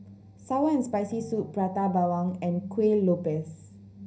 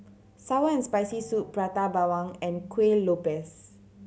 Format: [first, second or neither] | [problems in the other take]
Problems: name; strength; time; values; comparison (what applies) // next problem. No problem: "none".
second | room echo; dies away in 0.5 s